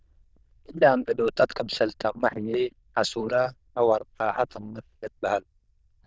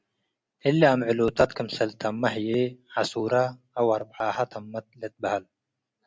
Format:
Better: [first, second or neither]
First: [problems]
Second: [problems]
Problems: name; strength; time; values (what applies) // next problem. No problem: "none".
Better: second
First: noise reduction (neural diffusion model UNIVERSE++)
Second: none